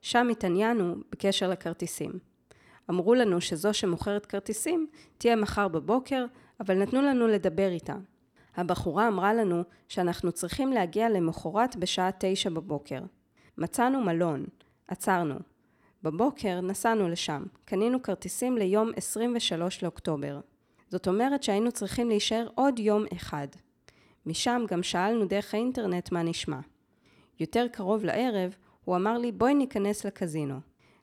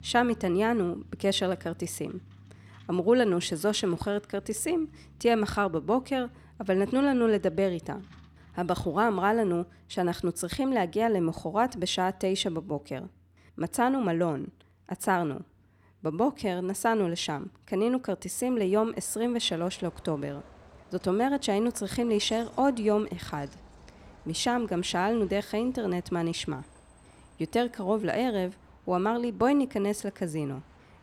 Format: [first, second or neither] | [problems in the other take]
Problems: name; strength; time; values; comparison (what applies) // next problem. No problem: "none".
first | traffic noise; faint; throughout; 25 dB below the speech